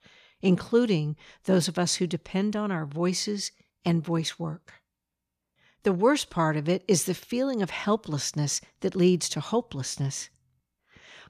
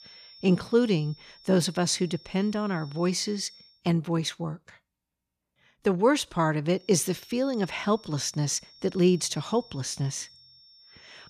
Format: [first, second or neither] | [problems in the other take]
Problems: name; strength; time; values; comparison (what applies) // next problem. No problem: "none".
first | high-pitched whine; faint; until 3.5 s and from 7 s on; 5.5 kHz, 25 dB below the speech